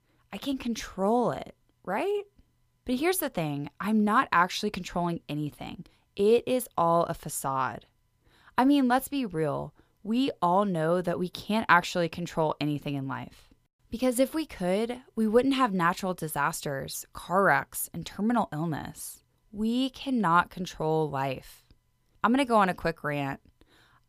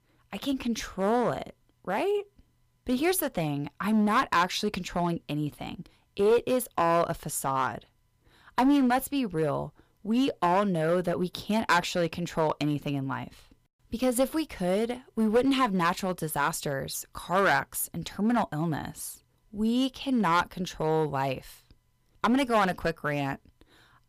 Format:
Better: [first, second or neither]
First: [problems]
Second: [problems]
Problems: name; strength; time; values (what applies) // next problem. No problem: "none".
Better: first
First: none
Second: distortion; slight; 4% of the sound clipped